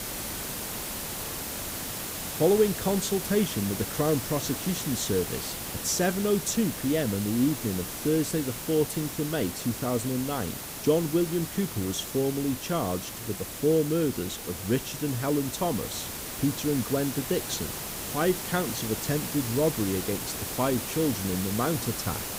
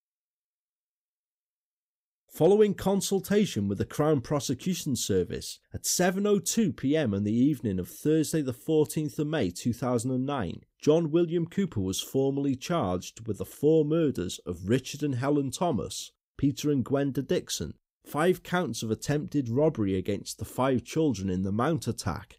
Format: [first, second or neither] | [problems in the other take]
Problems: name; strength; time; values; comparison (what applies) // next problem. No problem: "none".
second | hiss; loud; throughout; 5 dB below the speech